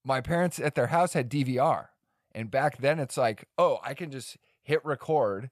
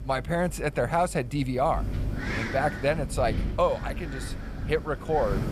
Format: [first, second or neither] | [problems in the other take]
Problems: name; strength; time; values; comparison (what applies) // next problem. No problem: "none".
first | wind noise on the microphone; occasional gusts; 10 dB below the speech